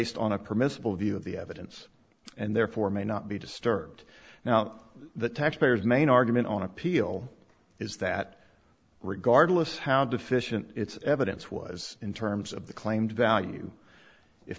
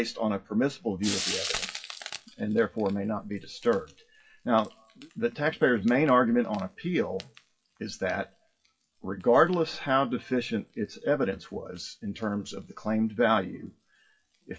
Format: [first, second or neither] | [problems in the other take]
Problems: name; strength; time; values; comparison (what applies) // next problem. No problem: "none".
first | noise reduction (classical method WPE with log-MMSE)